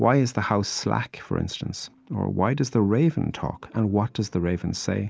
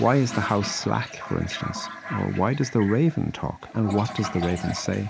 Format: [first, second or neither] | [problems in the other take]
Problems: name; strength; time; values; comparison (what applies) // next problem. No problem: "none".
first | background sound (Toilet flush); 12 dB below the speech